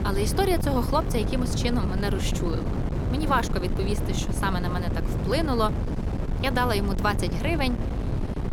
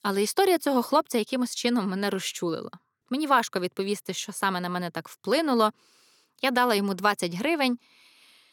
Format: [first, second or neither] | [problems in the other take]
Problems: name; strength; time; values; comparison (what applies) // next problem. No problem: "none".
second | wind noise on the microphone; heavy; 8 dB below the speech